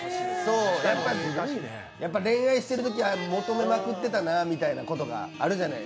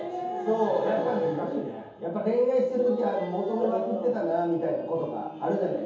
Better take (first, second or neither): first